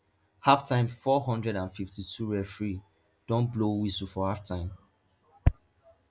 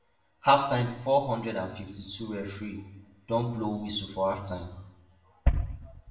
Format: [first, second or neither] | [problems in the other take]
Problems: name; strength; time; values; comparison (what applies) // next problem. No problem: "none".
first | room echo; dies away in 0.7 s